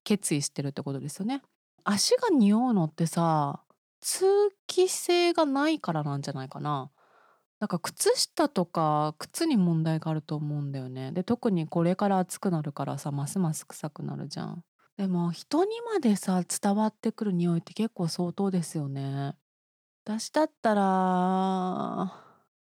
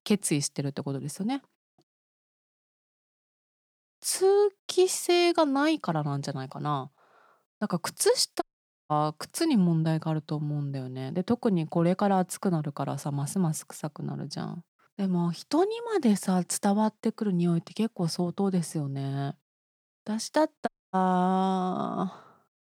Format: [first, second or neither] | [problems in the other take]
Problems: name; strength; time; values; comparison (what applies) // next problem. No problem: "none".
first | audio cutting out; at 2 s for 2 s, at 8.5 s and at 21 s